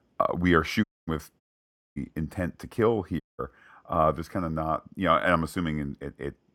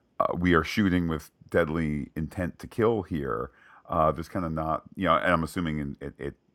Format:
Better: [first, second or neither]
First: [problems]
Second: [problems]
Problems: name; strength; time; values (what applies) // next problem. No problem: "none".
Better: second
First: audio cutting out; at 1 s, at 1.5 s for 0.5 s and at 3 s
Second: none